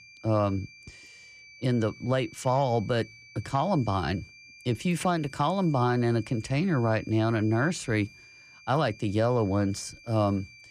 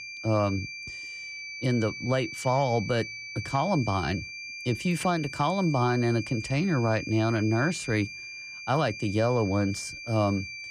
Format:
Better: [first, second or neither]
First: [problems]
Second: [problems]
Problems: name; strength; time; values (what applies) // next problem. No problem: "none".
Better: first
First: high-pitched whine; faint; throughout; 2.5 kHz, 20 dB below the speech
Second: high-pitched whine; loud; throughout; 2.5 kHz, 10 dB below the speech